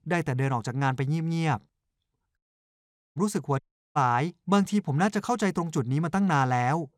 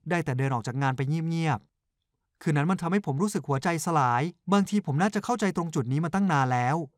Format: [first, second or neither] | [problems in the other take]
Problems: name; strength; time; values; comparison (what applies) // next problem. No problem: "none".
second | audio cutting out; at 2.5 s for 1 s and at 3.5 s